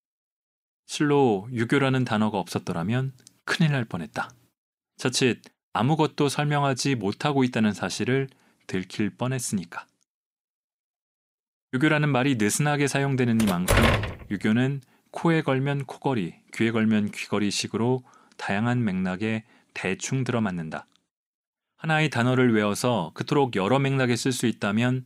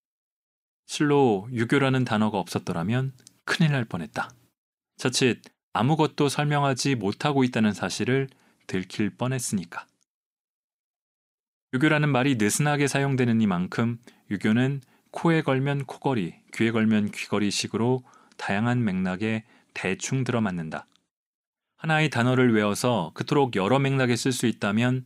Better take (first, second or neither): second